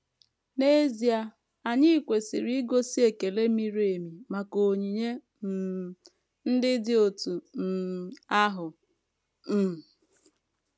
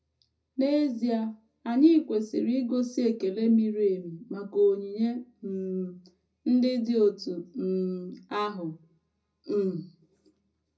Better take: first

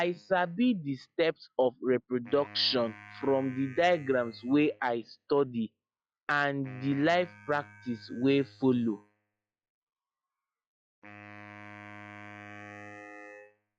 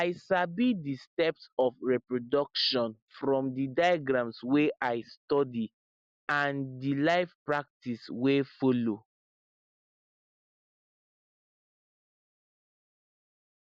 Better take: second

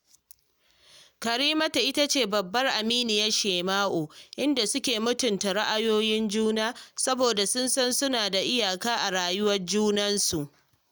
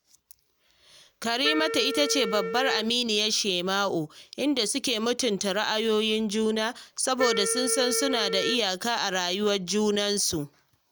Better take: first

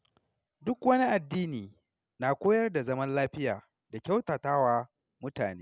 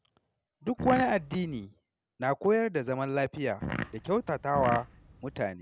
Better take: first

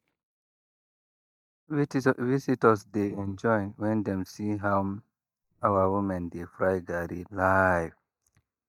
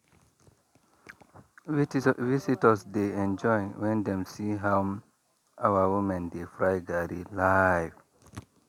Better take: second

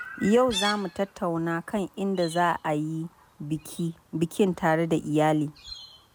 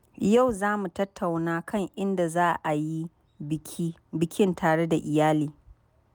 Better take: second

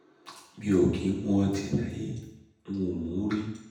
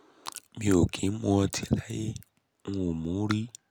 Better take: second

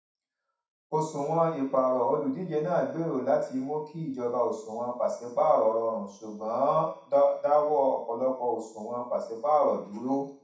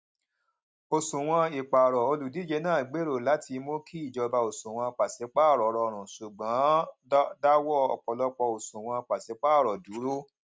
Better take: second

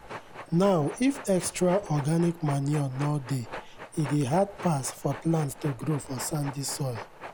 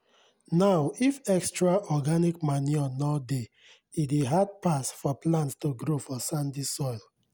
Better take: second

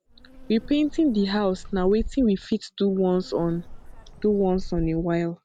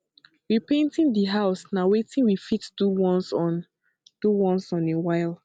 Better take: second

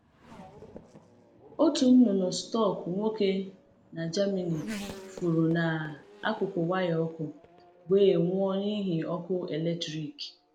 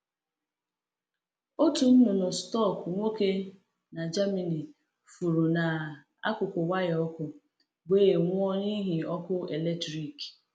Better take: second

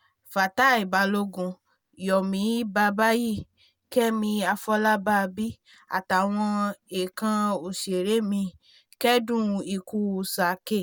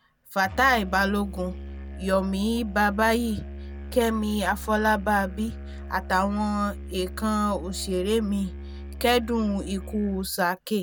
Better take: first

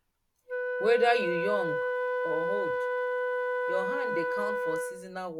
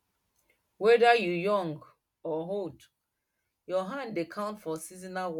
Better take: second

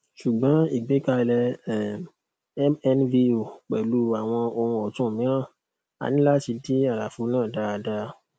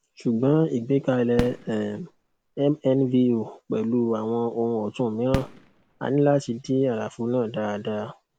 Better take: first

